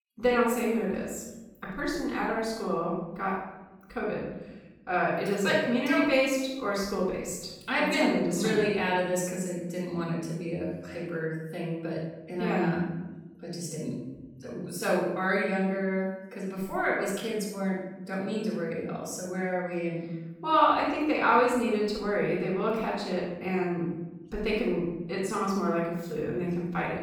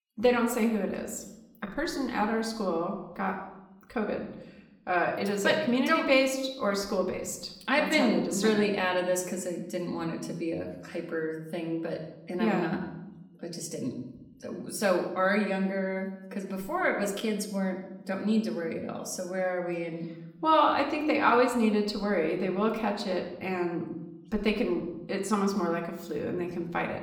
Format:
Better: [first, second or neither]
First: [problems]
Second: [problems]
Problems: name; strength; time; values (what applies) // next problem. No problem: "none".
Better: second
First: room echo; strong; dies away in 1.1 s // off-mic speech; far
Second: room echo; slight; dies away in 0.7 s // off-mic speech; somewhat distant